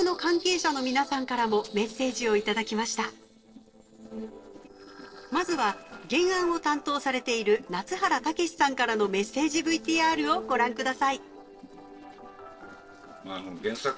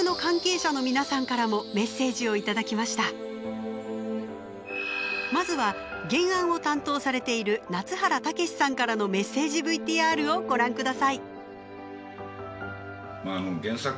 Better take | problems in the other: second | noise reduction (neural separator model SepFormer DNS4)

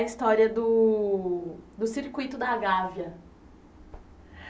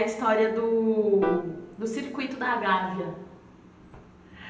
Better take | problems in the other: first | background sound (Piano); 10 dB below the speech // room echo; dies away in 0.9 s

